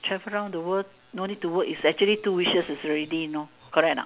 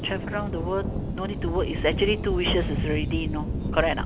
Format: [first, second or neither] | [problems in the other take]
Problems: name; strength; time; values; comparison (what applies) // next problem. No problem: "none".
first | background sound (Thunder / Rain); 1 dB below the speech